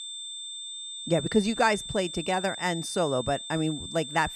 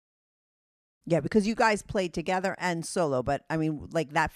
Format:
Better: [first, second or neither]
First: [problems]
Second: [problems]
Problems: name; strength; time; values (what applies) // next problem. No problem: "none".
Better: second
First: high-pitched whine; loud; throughout; 3.5 kHz, 8 dB below the speech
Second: none